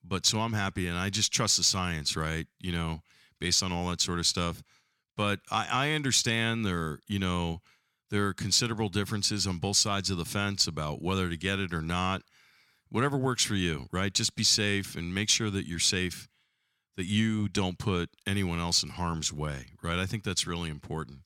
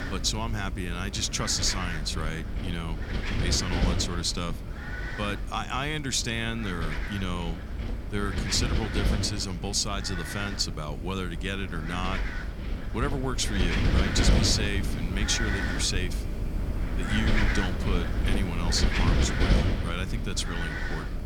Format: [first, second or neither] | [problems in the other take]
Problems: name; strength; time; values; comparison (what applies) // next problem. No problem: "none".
first | wind noise on the microphone; heavy; 3 dB below the speech